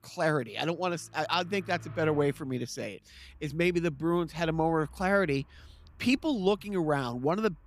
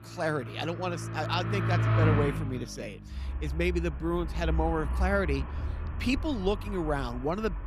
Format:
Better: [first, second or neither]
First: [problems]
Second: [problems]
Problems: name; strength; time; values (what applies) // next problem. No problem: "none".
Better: first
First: traffic noise; faint; throughout; 25 dB below the speech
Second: traffic noise; loud; throughout; 1 dB below the speech